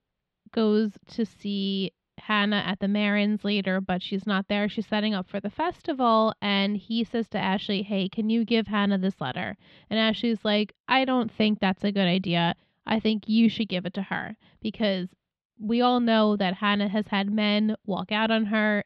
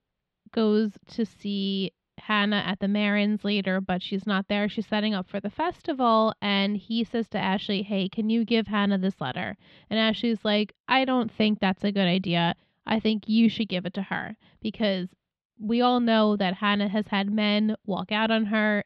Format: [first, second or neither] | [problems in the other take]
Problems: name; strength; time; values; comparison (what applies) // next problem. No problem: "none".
neither | muffled; very slightly; fading above 3.5 kHz; the same in both